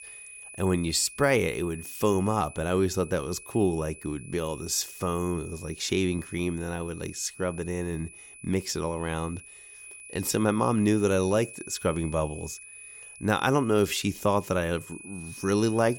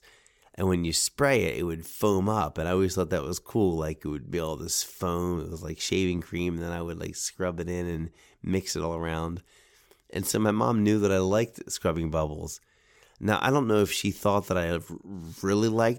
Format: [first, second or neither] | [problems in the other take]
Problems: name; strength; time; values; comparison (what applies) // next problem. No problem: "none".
second | high-pitched whine; noticeable; throughout; 2.5 kHz, 15 dB below the speech